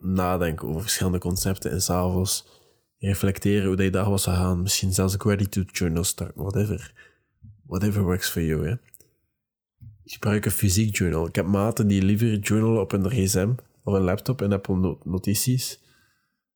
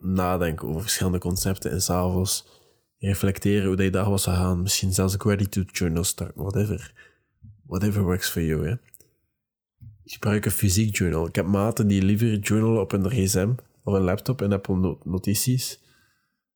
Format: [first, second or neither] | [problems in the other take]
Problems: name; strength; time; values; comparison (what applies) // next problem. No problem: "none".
neither | none